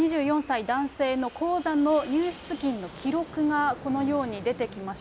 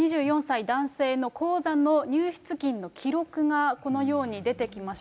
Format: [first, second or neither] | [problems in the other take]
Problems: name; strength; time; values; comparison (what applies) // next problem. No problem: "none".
second | background sound (Fixed-wing aircraft, airplane); 18 dB below the speech